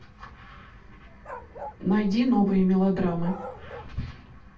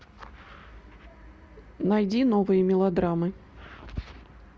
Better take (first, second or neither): second